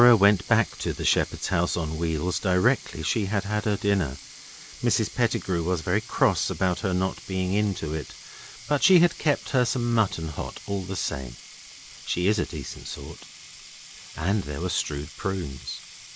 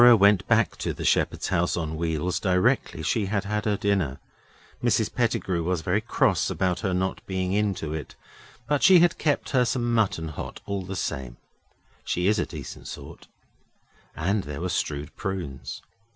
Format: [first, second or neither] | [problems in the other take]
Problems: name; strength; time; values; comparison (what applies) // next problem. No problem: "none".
second | background sound (Sink (filling or washing)); 18 dB below the speech